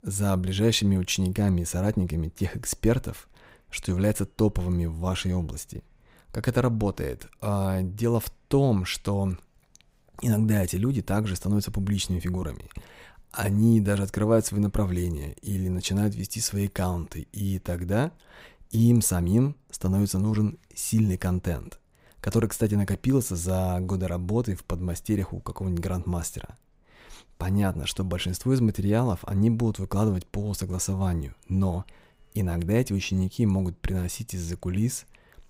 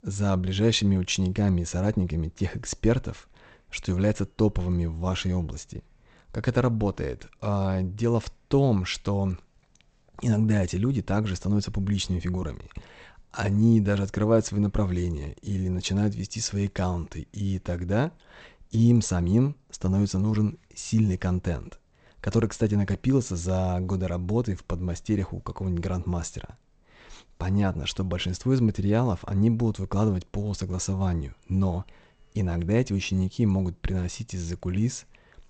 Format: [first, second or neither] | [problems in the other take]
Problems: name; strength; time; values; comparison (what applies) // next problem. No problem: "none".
first | garbled, watery; slightly; nothing above 8 kHz